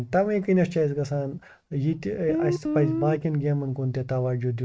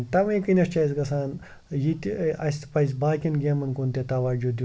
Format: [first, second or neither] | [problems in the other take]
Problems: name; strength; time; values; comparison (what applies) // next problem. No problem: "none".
second | noise reduction (neural mask model RNNoise)